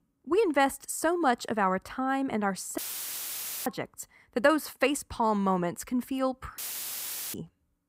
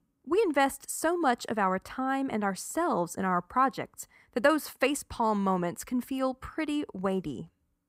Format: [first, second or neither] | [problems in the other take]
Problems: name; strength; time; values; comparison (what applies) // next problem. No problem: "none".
second | audio cutting out; filled with static; at 3 s for 1 s and at 6.5 s for 1 s